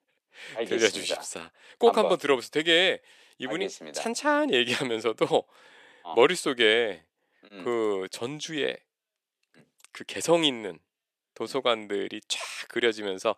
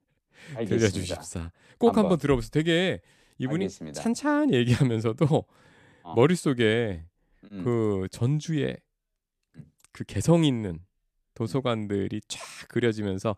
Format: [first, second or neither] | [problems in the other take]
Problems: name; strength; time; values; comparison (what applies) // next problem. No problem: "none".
second | thin; somewhat; fading below 500 Hz